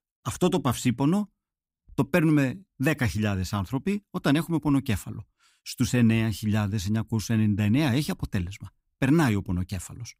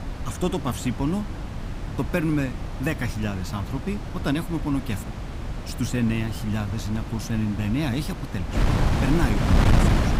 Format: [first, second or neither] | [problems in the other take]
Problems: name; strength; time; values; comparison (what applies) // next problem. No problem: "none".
first | wind noise on the microphone; heavy; 2 dB below the speech